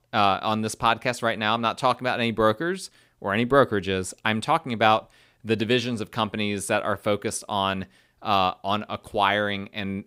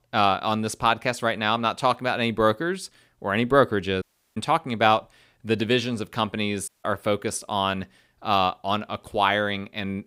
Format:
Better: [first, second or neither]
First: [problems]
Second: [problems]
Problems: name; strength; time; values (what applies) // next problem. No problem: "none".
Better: first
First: none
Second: audio cutting out; at 4 s and at 6.5 s